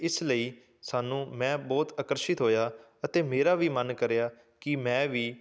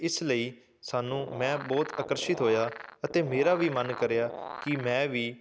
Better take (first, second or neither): first